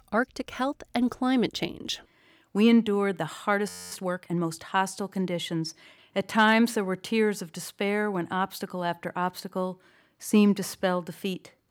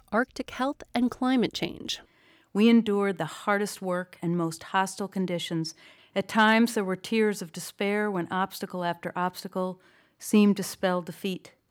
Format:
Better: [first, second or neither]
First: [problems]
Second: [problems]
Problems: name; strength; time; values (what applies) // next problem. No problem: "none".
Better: second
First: audio freezing; at 3.5 s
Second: none